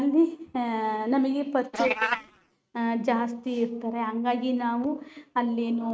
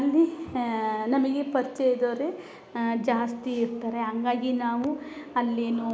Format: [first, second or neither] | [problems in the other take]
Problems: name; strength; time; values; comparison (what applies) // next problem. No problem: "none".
second | noise reduction (neural mask model RNNoise)